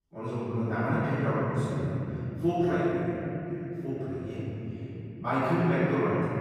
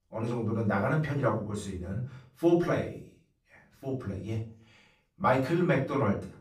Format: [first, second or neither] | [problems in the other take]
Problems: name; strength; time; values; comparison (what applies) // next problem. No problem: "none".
second | room echo; strong; dies away in 3 s; slight in the second // off-mic speech; far; far in the second